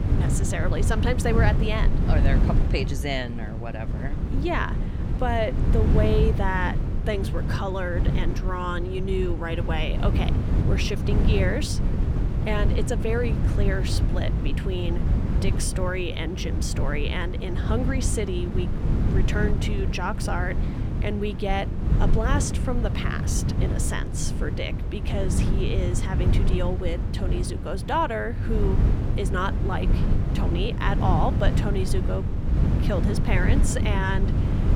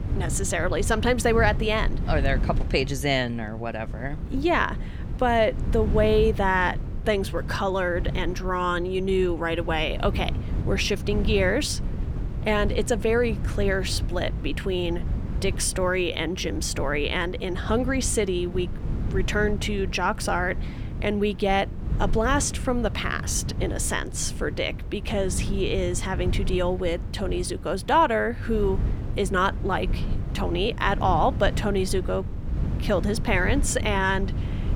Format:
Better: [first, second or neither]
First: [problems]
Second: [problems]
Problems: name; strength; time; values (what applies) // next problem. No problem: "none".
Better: second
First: wind noise on the microphone; heavy; 6 dB below the speech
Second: wind noise on the microphone; occasional gusts; 15 dB below the speech